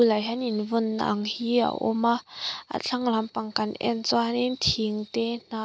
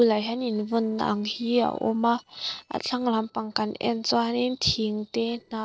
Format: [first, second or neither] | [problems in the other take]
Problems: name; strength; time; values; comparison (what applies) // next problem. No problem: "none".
first | noise reduction (neural separator model SepFormer DNS4)